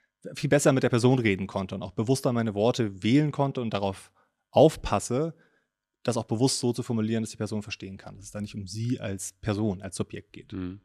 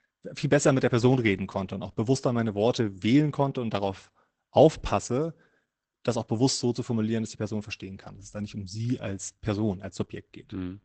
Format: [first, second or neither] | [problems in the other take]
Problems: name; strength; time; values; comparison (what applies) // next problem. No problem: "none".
first | garbled, watery; badly; nothing above 8 kHz